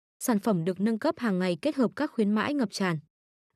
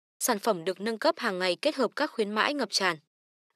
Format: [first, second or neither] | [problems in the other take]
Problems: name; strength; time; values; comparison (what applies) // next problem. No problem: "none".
first | thin; somewhat; fading below 450 Hz